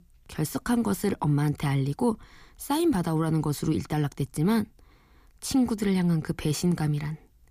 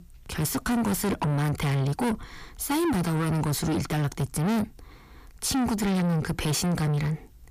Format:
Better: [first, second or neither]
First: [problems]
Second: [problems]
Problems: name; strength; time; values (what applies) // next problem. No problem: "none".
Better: first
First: none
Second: distortion; heavy; 7 dB below the speech